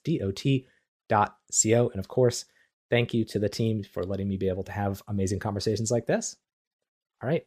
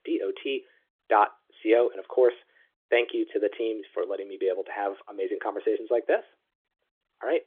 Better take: first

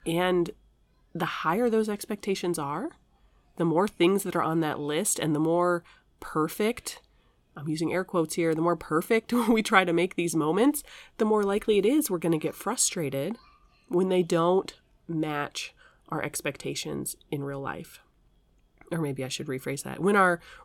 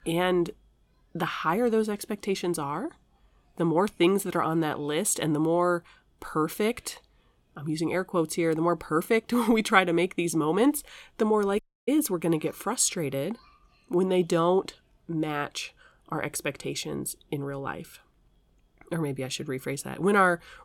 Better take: first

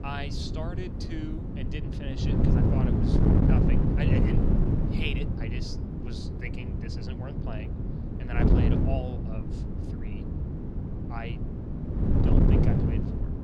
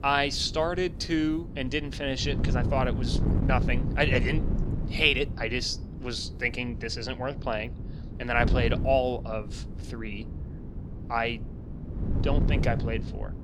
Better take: second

